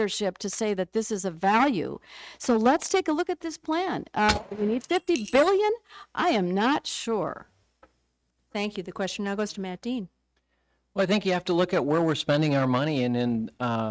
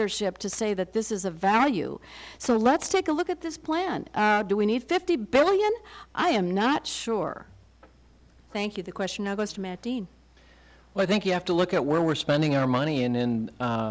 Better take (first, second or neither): second